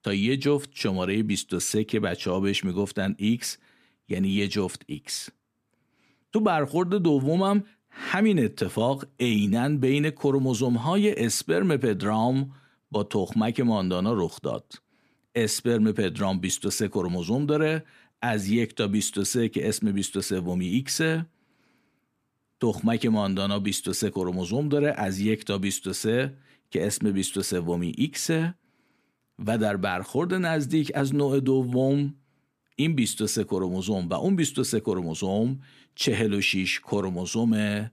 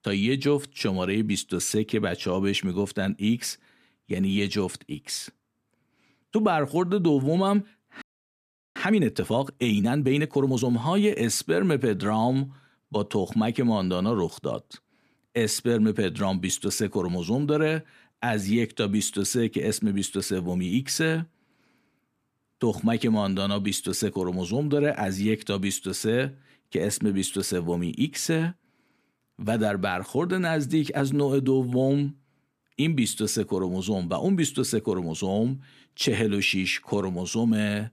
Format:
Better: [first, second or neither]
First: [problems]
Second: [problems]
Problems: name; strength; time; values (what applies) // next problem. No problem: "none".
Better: first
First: none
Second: audio freezing; at 8 s for 0.5 s